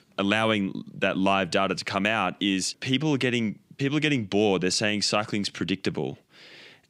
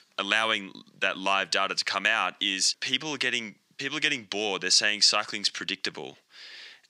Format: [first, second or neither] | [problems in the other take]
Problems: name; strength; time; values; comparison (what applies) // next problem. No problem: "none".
first | thin; somewhat; fading below 800 Hz